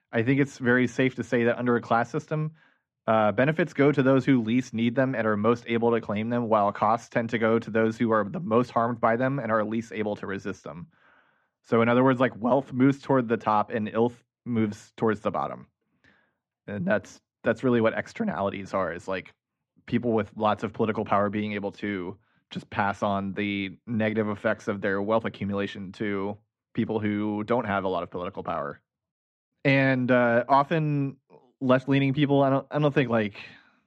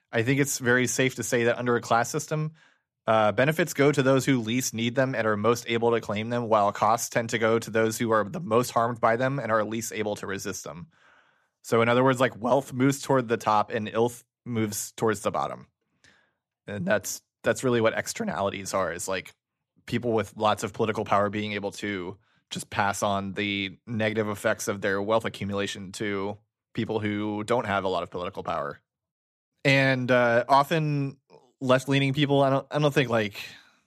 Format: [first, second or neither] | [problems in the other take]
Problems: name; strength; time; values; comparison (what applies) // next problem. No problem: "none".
second | muffled; slightly; fading above 2.5 kHz